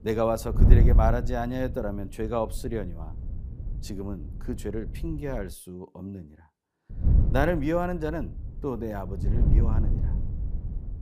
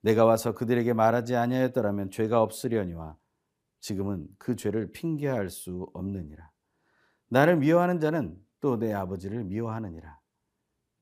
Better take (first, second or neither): second